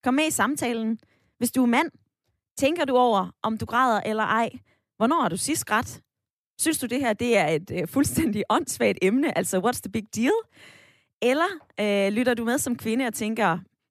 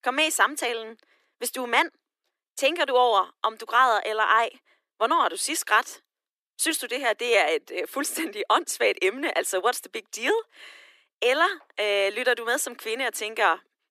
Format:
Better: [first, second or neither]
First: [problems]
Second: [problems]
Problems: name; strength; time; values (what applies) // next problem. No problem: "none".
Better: first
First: none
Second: thin; very; fading below 350 Hz